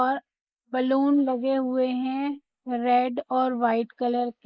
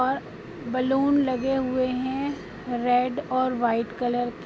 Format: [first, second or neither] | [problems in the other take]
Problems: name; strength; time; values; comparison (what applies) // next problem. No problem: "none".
second | noise reduction (neural mask model Resemble Enhance denoiser)